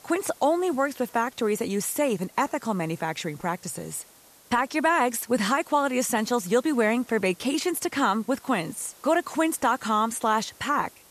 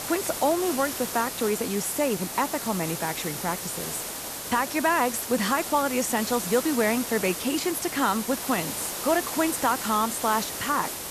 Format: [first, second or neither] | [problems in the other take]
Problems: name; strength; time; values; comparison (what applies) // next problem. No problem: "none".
first | hiss; loud; throughout; 5 dB below the speech; faint in the first